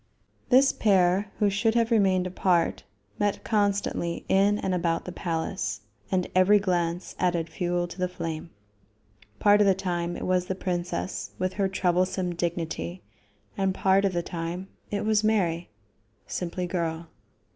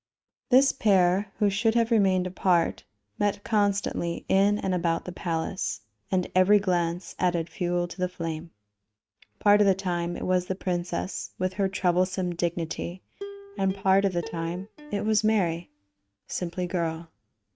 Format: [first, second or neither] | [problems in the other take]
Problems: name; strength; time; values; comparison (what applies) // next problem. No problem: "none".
first | noise reduction (neural mask model RNNoise)